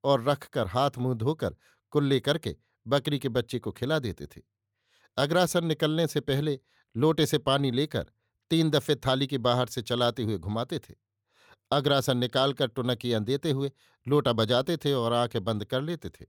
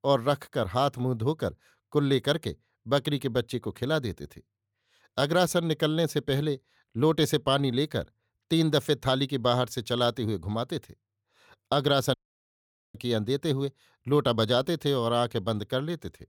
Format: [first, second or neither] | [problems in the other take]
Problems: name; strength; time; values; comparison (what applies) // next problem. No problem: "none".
first | audio cutting out; at 12 s for 1 s